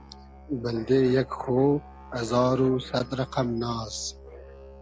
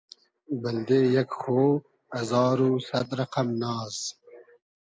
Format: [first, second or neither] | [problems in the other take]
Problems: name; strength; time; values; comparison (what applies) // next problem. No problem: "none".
second | background sound (Musical instrument); 19 dB below the speech